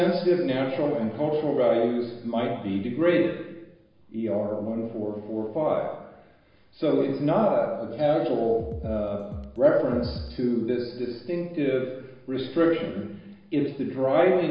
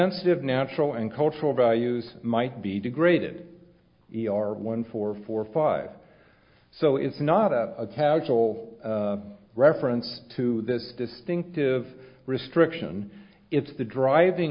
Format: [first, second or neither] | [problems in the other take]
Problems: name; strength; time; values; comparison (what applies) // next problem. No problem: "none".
second | background sound (Drum kit); 12 dB below the speech // room echo; dies away in 1.1 s